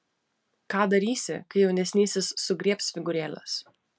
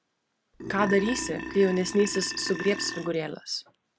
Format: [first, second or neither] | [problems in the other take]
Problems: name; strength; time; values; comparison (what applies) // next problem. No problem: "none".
first | background sound (Burping, eructation); 8 dB below the speech